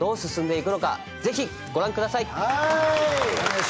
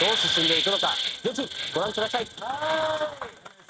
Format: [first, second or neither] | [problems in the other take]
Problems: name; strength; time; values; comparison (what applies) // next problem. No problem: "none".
first | noise reduction (neural mask model RNNoise)